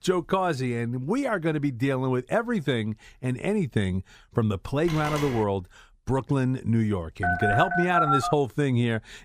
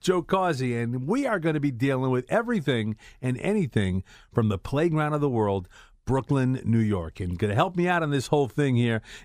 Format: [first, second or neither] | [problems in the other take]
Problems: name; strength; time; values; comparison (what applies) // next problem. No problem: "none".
second | phone ringing; noticeable; at 5 s; peak 7 dB below the speech // phone ringing; loud; from 7 to 8.5 s; peak 3 dB above the speech